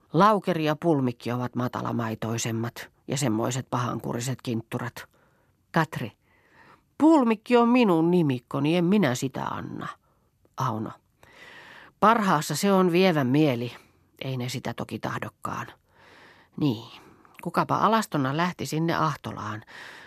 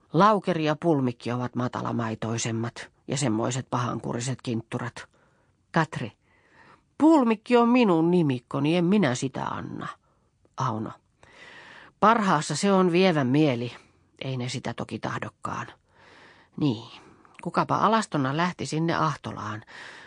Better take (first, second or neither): first